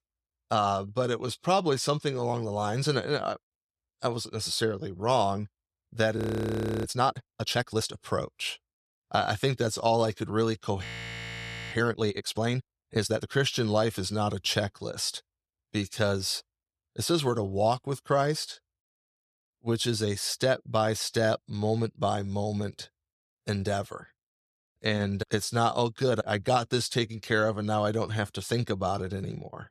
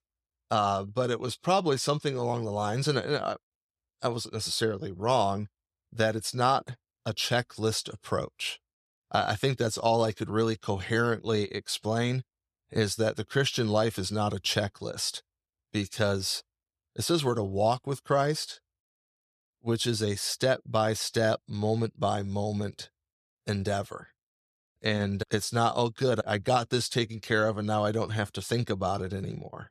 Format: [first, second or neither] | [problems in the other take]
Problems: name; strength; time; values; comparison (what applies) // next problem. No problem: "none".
second | audio freezing; at 6 s for 0.5 s and at 11 s for 1 s